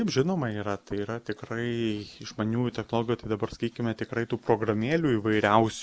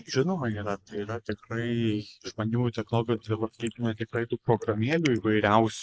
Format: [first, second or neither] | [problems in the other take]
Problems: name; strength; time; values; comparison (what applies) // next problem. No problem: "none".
first | noise reduction (neural mask model Resemble Enhance denoiser)